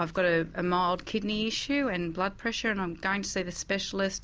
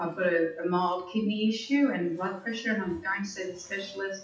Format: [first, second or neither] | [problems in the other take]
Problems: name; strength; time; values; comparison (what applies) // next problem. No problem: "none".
first | noise reduction (classical method WPE with log-MMSE)